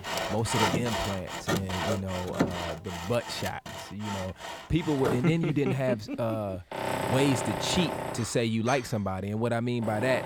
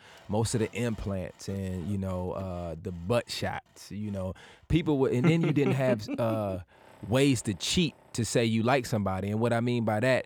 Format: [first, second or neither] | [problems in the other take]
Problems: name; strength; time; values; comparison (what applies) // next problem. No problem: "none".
second | machinery noise; loud; throughout; 3 dB below the speech; faint in the second